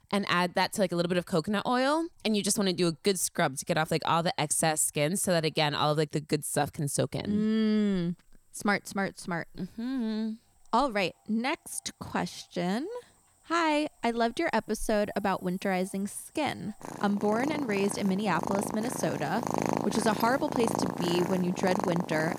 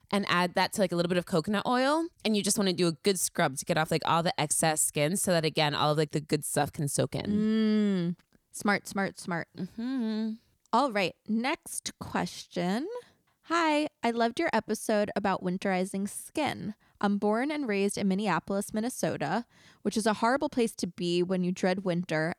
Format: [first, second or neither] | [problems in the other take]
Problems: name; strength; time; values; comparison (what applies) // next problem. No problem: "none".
second | animal sounds; loud; throughout; 5 dB below the speech